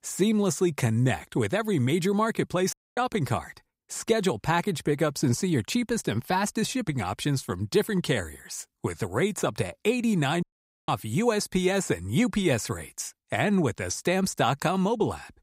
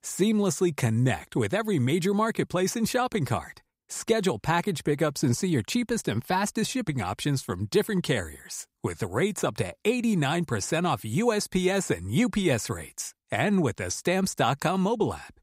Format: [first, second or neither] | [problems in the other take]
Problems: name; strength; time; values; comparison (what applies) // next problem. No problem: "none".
second | audio cutting out; at 2.5 s and at 10 s